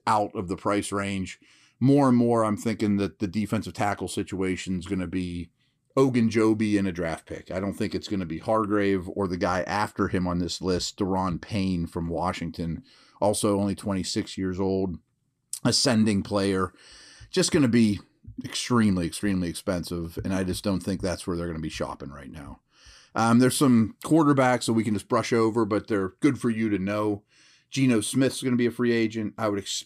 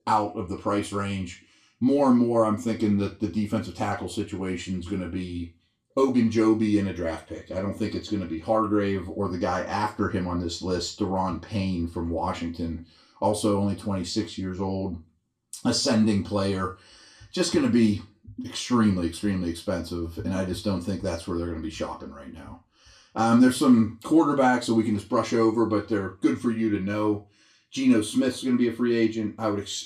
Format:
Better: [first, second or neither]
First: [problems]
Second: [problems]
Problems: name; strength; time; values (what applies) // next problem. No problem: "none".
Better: first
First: none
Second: room echo; very slight; dies away in 0.3 s // off-mic speech; far